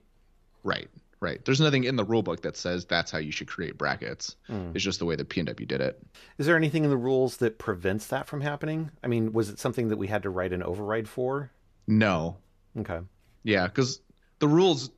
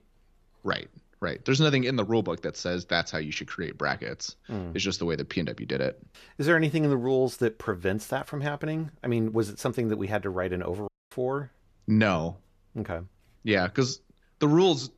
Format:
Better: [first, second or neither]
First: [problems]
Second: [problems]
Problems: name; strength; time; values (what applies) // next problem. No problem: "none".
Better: first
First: none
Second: audio cutting out; at 11 s